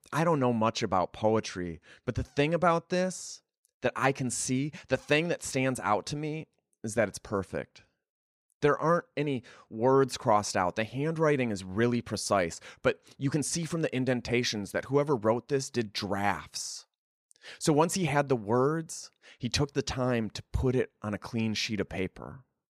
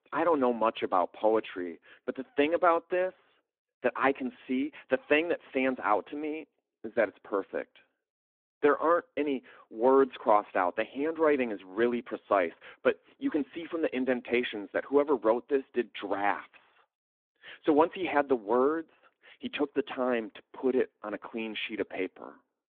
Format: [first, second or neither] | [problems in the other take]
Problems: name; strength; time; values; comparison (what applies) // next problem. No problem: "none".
first | phone-call audio; nothing above 3.5 kHz